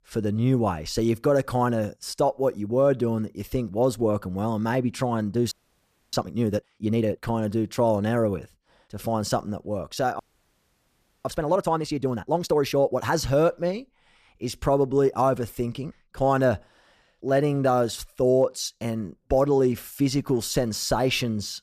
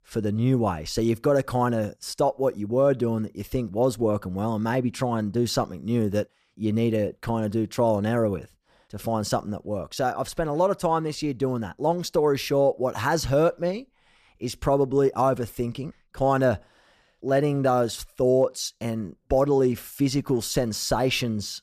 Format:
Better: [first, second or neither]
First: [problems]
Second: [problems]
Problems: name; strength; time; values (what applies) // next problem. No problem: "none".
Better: second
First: audio freezing; at 5.5 s for 0.5 s and at 10 s for 1 s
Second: none